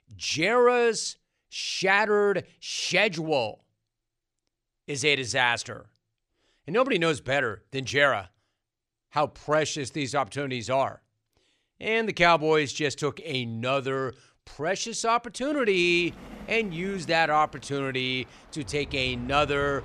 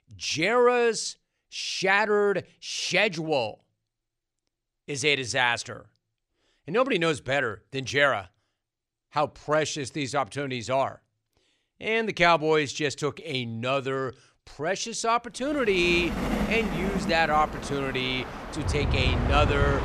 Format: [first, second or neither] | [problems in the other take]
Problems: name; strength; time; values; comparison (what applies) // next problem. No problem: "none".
first | train or aircraft noise; loud; from 16 s on; 4 dB below the speech; faint in the first